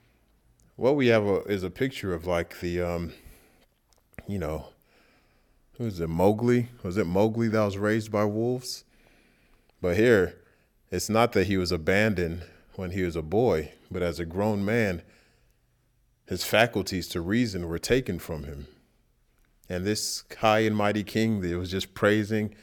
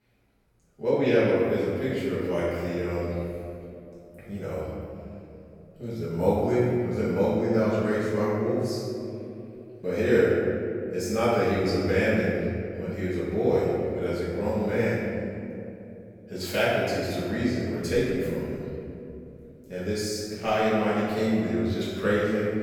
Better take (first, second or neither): first